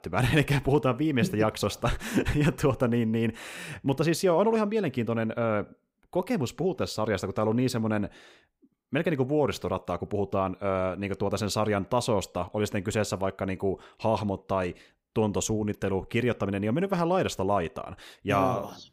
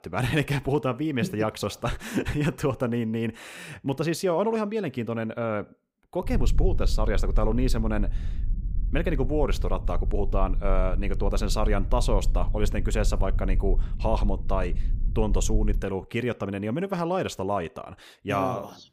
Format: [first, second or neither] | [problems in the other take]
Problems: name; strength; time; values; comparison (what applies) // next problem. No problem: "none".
first | low rumble; noticeable; from 6.5 to 16 s; 20 dB below the speech